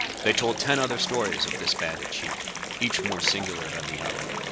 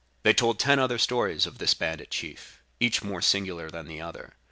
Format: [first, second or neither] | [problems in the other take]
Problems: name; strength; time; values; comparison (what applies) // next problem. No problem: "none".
second | background sound (Water); 3 dB below the speech